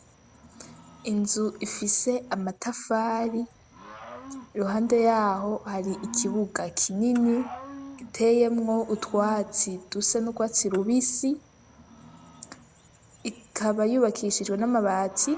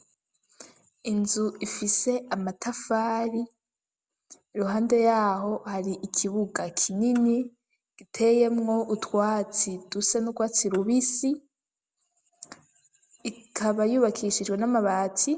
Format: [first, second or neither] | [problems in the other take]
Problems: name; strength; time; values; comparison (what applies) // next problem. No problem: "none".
second | background sound (Cricket / Growling); 18 dB below the speech